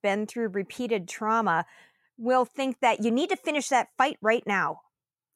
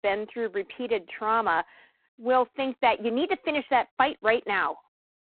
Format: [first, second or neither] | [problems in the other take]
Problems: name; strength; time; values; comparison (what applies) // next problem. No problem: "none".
first | phone-call audio; poor line